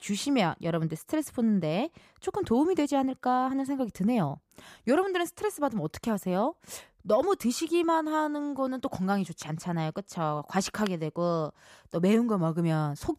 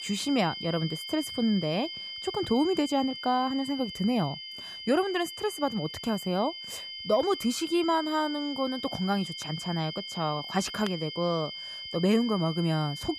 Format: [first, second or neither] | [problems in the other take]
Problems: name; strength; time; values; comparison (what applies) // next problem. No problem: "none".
first | high-pitched whine; loud; throughout; 3 kHz, 8 dB below the speech